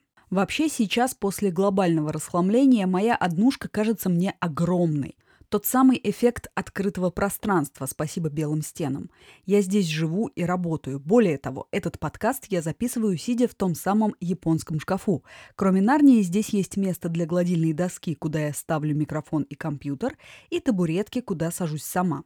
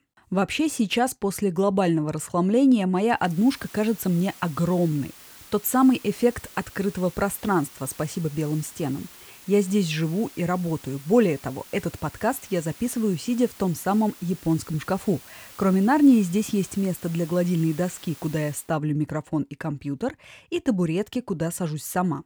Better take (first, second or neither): first